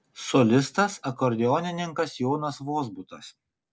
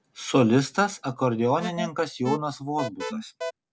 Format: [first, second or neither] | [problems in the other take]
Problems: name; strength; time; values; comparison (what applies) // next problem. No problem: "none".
first | background sound (Alarm); 9 dB below the speech